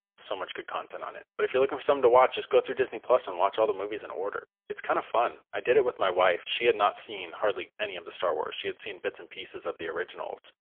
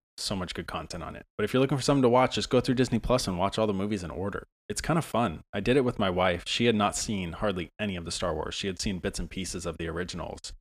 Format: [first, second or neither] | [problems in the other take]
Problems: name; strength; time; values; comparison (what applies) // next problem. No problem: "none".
second | phone-call audio; poor line; nothing above 3.5 kHz